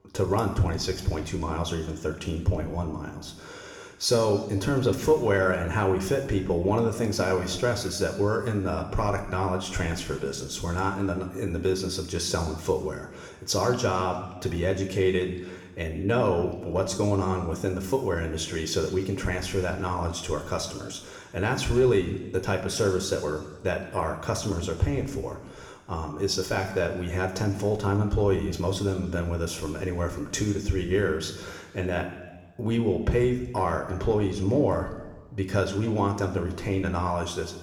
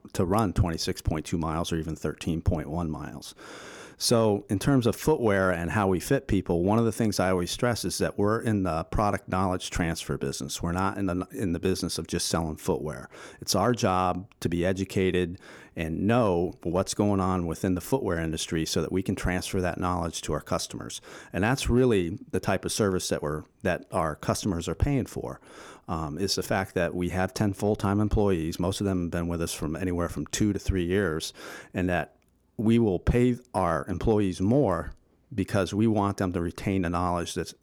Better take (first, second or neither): second